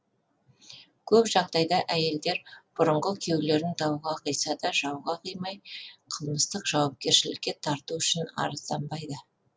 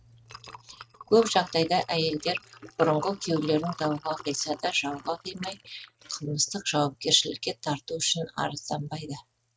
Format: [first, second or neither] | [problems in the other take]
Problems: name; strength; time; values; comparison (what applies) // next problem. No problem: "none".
first | noise reduction (neural mask model RNNoise)